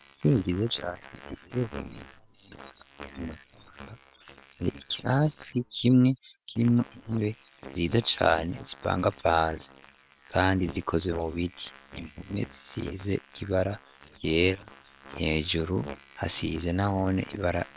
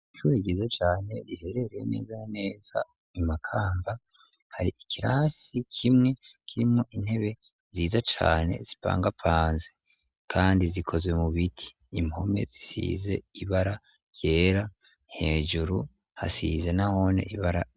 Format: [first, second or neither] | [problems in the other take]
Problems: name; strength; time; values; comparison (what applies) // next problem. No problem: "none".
second | noise reduction (neural separator model SepFormer WHAM!)